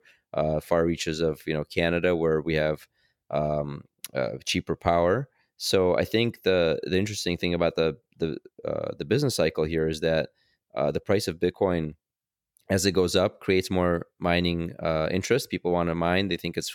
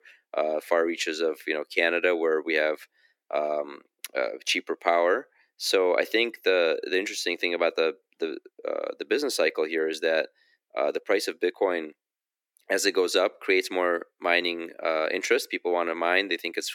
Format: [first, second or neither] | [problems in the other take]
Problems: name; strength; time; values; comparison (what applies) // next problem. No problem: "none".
first | thin; somewhat; fading below 300 Hz